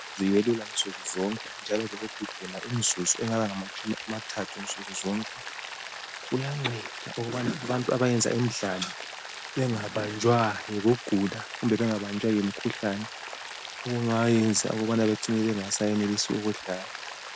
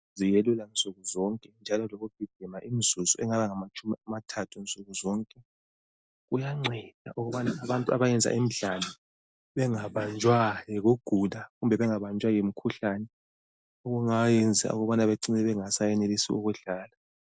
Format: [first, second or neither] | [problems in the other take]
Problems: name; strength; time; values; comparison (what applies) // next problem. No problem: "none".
second | background sound (Rain); 11 dB below the speech